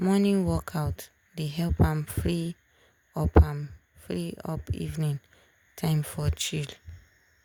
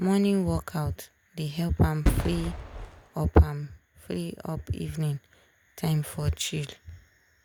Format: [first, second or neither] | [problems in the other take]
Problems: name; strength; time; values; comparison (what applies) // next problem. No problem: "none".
first | background sound (Fireworks); 2 dB below the speech